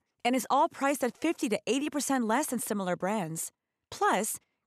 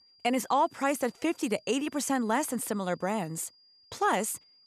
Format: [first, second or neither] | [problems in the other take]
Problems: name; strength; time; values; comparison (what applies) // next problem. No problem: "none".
first | high-pitched whine; faint; throughout; 5 kHz, 30 dB below the speech